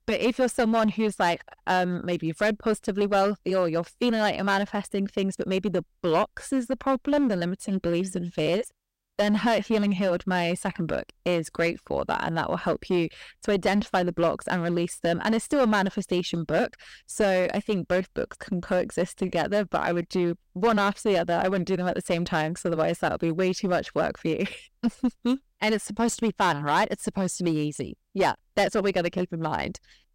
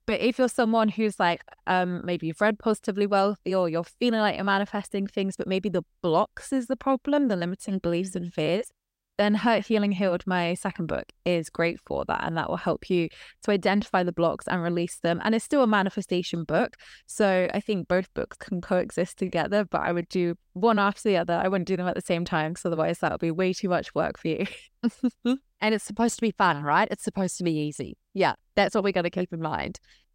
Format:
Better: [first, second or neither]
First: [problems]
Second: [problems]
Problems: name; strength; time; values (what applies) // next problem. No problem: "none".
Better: second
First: distortion; slight; 6% of the sound clipped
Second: none